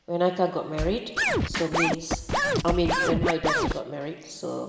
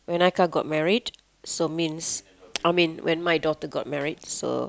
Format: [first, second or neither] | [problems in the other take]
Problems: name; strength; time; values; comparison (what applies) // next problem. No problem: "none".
second | background sound (Scratching (performance technique)); 2 dB above the speech // room echo; dies away in 1.6 s